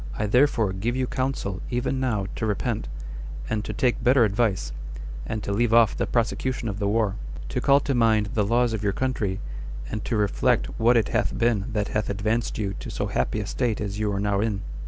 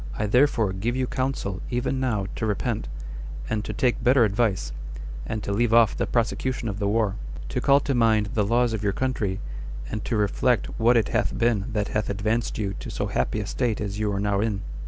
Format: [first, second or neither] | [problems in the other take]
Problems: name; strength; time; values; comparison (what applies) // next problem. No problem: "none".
second | background sound (Knock); 16 dB below the speech